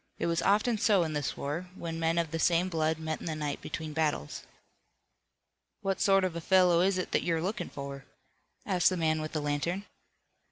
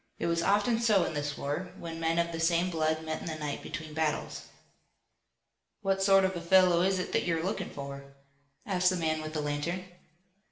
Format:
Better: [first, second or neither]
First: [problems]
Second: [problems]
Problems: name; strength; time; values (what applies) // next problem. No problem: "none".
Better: first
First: none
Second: room echo; dies away in 0.6 s